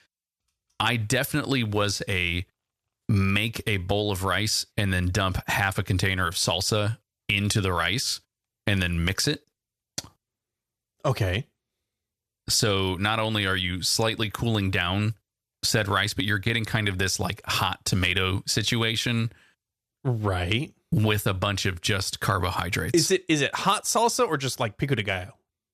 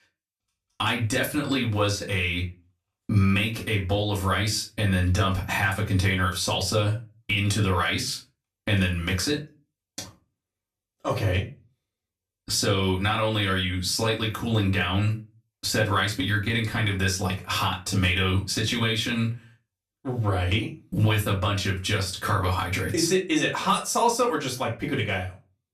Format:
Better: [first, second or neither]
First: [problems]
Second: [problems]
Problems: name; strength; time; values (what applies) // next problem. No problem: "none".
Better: first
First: none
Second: off-mic speech; far // room echo; very slight; dies away in 0.2 s